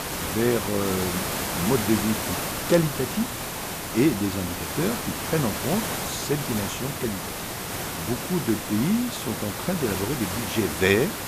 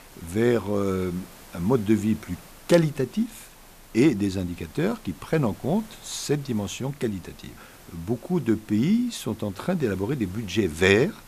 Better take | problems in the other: second | hiss; loud; throughout; 2 dB below the speech; faint in the second

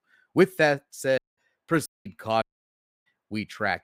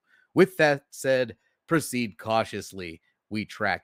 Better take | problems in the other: second | audio cutting out; at 1 s, at 2 s and at 2.5 s for 0.5 s

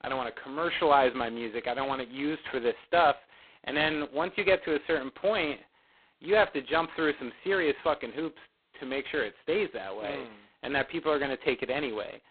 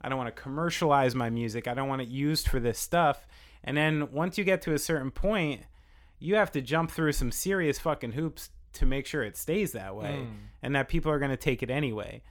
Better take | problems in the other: second | phone-call audio; poor line; nothing above 4 kHz

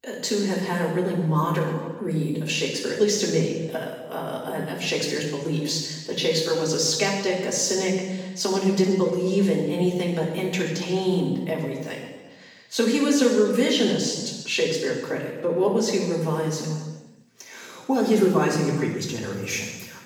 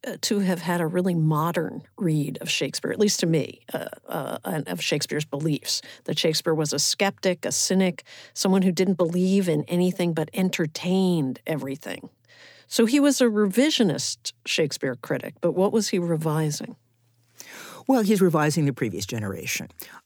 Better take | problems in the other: second | room echo; noticeable; dies away in 1.2 s // off-mic speech; far

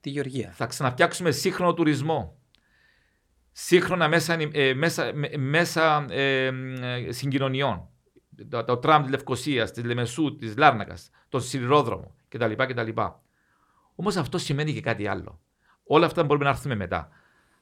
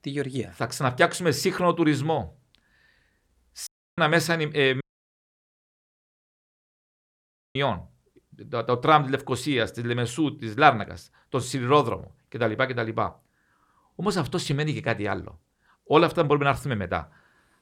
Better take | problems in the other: first | audio cutting out; at 3.5 s and at 5 s for 2.5 s

